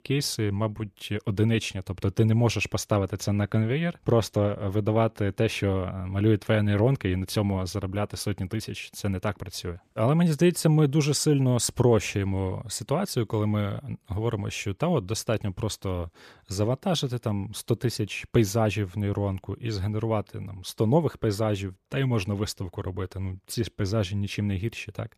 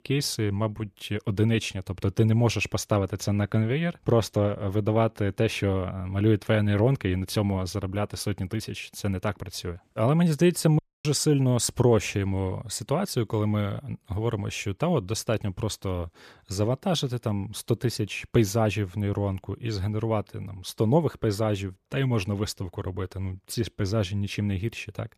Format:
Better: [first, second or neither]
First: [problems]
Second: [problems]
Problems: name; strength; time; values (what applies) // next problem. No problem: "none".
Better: first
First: none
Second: audio cutting out; at 11 s